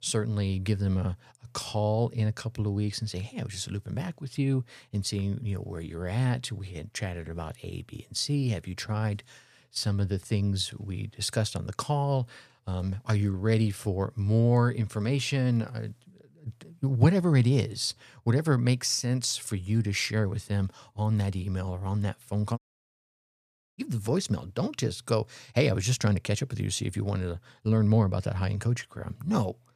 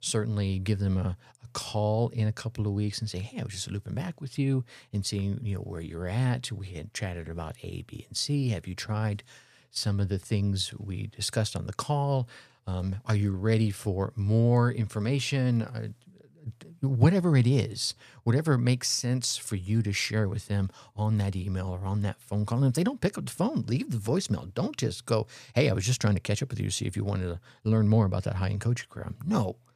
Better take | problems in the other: second | audio cutting out; at 23 s for 1 s

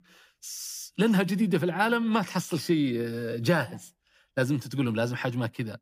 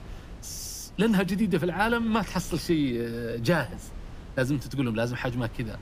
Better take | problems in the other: first | wind noise on the microphone; occasional gusts; 20 dB below the speech

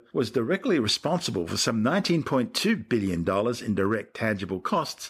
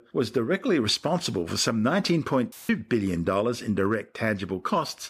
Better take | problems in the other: first | audio cutting out; filled with static; at 2.5 s

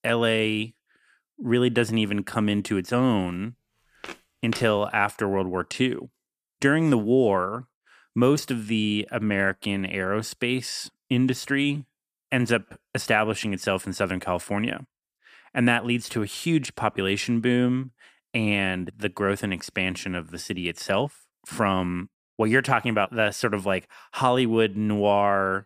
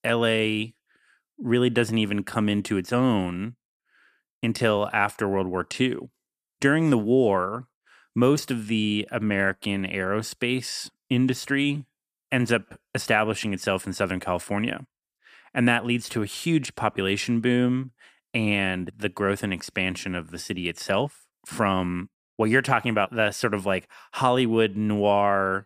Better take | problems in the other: second | footsteps; faint; at 4 s; peak 10 dB below the speech

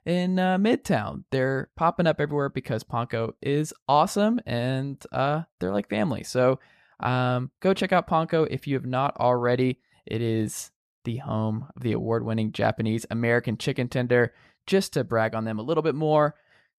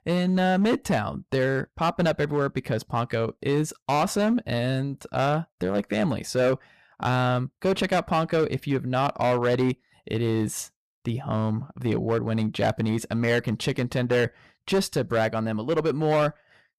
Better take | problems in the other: first | distortion; slight; 8% of the sound clipped

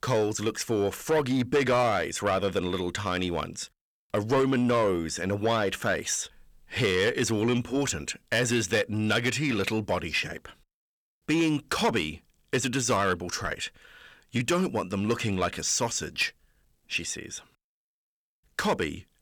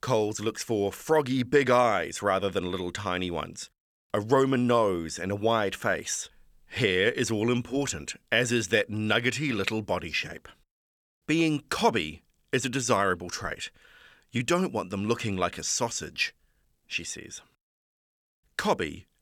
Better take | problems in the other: second | distortion; slight; 10 dB below the speech

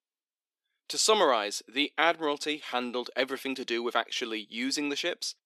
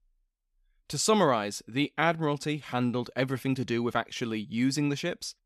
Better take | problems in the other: second | thin; somewhat; fading below 300 Hz

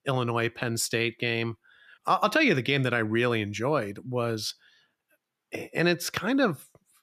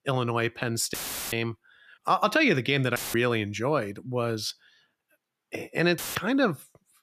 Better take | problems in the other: first | audio cutting out; filled with static; at 1 s, at 3 s and at 6 s

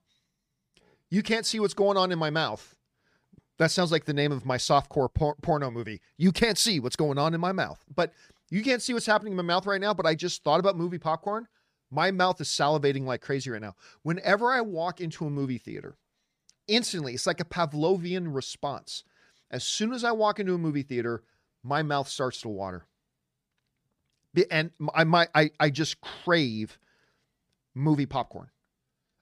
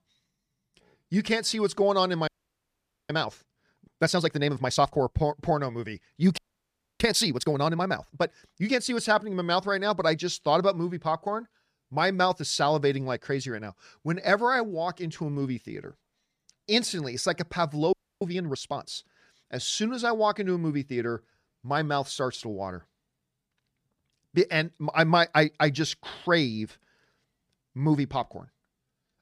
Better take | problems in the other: first | audio freezing; at 2.5 s for 1 s, at 6.5 s for 0.5 s and at 18 s

